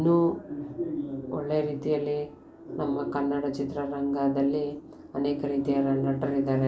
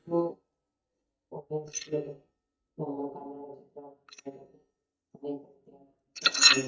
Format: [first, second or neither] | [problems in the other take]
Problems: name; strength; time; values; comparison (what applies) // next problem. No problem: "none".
first | noise reduction (neural mask model DeepFilterNet 3)